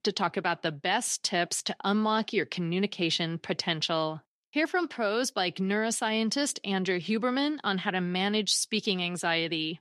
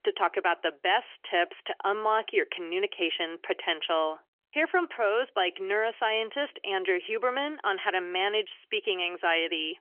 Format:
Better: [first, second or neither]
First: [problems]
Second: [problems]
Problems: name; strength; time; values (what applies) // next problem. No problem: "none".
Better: first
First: none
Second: phone-call audio; nothing above 3 kHz